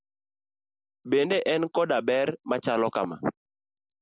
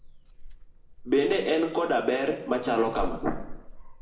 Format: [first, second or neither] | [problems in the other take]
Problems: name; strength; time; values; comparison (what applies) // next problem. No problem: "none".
first | background sound (Dog); 11 dB below the speech // room echo; dies away in 0.8 s